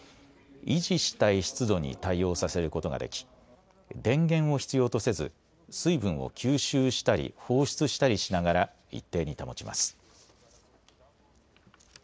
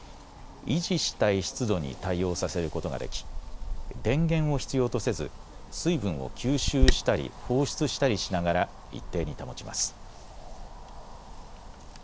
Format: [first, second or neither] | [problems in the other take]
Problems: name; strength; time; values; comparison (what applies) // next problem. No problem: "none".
first | background sound (Wind); 4 dB below the speech